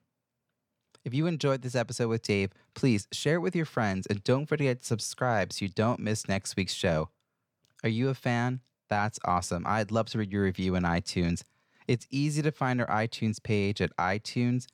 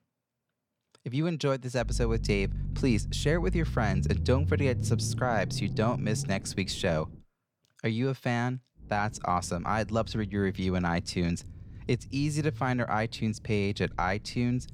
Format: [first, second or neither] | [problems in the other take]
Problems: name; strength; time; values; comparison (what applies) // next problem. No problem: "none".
first | low rumble; noticeable; from 2 to 7 s and from 9 s on; 15 dB below the speech